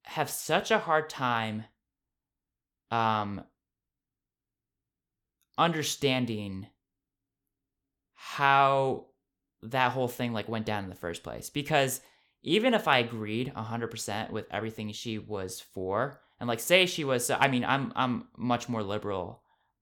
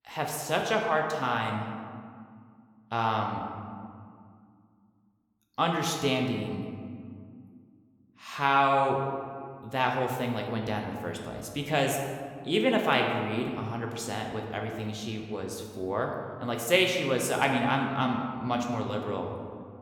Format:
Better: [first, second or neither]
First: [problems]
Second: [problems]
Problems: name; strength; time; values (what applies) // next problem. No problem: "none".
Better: first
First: none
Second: room echo; noticeable; dies away in 1.6 s